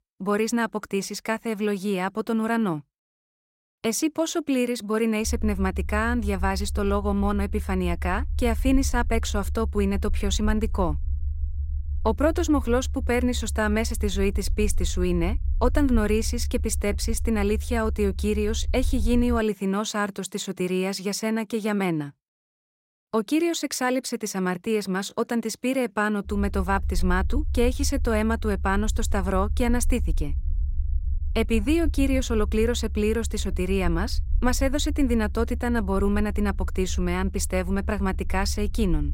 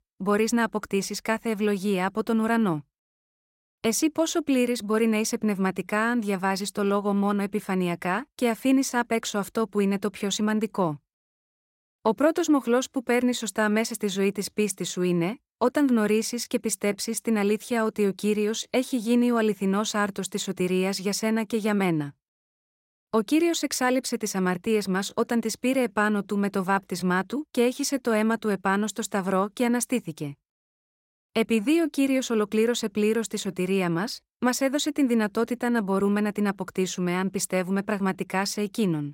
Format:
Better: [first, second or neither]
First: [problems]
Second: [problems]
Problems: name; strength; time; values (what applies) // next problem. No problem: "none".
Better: second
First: low rumble; faint; from 5 to 19 s and from 26 s on; 25 dB below the speech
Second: none